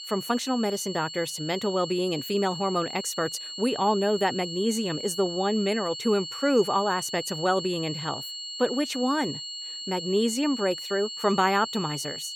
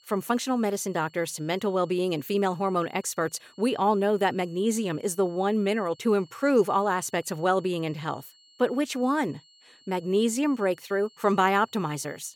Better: second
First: high-pitched whine; loud; throughout; 4.5 kHz, 7 dB below the speech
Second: high-pitched whine; faint; throughout; 4.5 kHz, 30 dB below the speech

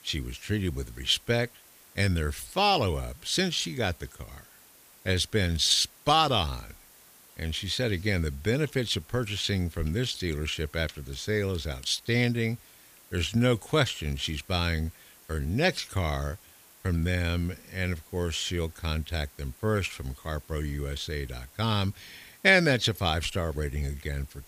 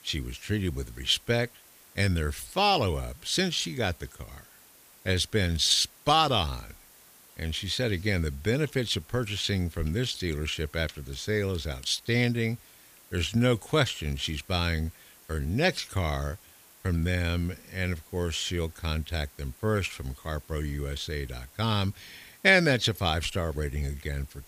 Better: neither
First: hiss; faint; throughout; 25 dB below the speech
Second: hiss; faint; throughout; 25 dB below the speech

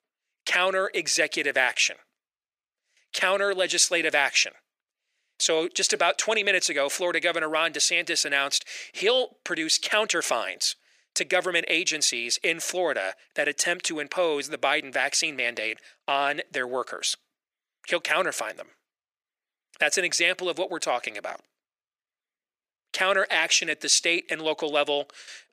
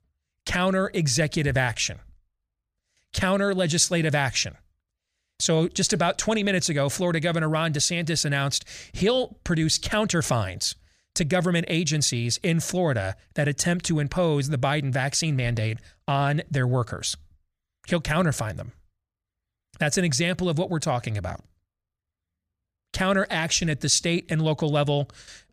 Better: second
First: thin; very; fading below 350 Hz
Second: none

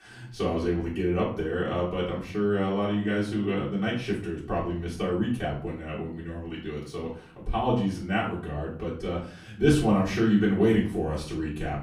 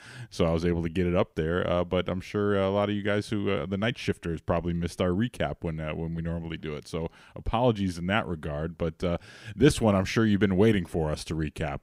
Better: second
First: off-mic speech; far // room echo; slight; dies away in 0.4 s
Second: none

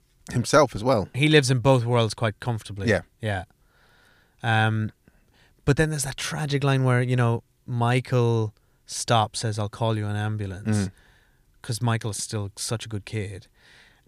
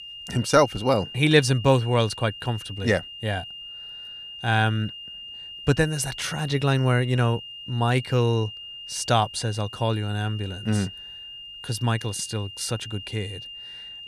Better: first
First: none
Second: high-pitched whine; noticeable; throughout; 3 kHz, 10 dB below the speech

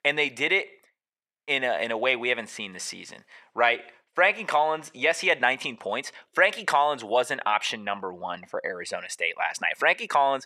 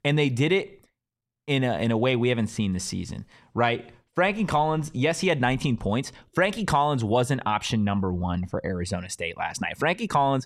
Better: second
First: thin; very; fading below 500 Hz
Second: none

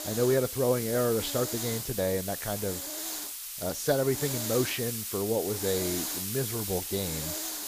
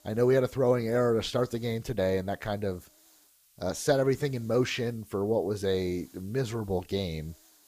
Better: second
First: hiss; loud; throughout; 3 dB below the speech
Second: hiss; faint; throughout; 30 dB below the speech

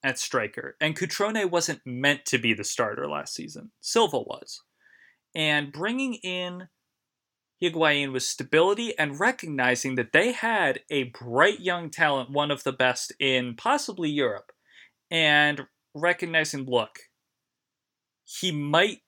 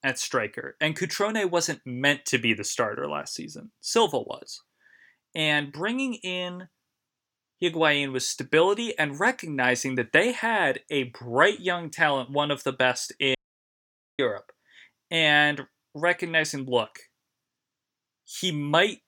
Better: first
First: none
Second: audio cutting out; at 13 s for 1 s

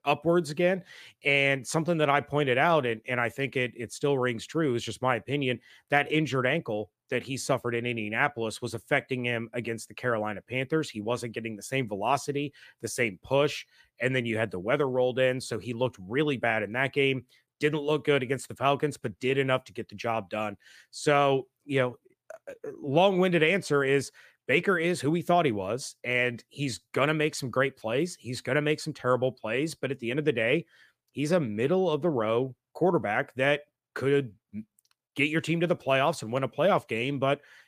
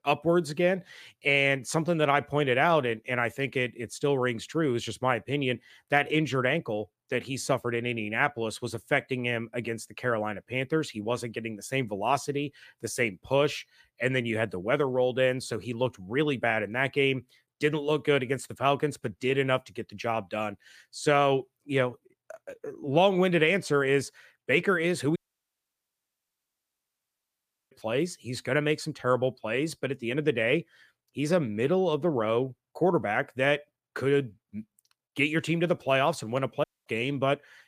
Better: first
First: none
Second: audio cutting out; at 25 s for 2.5 s and at 37 s

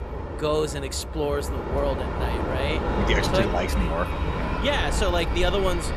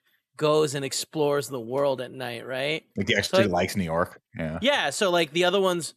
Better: second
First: train or aircraft noise; loud; throughout; 1 dB below the speech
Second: none

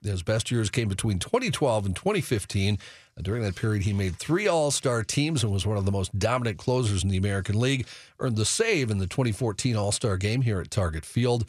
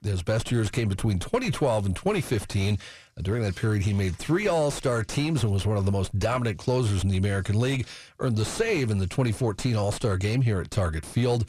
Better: first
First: none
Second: distortion; slight; 9 dB below the speech

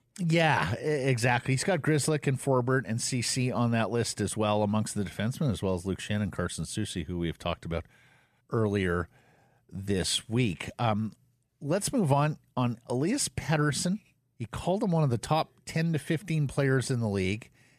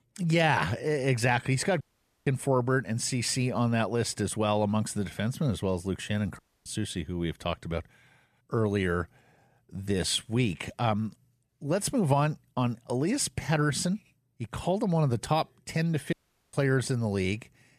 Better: first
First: none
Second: audio cutting out; at 2 s, at 6.5 s and at 16 s

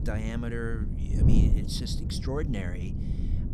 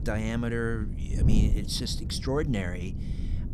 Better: second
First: wind noise on the microphone; heavy; 3 dB below the speech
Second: wind noise on the microphone; occasional gusts; 10 dB below the speech

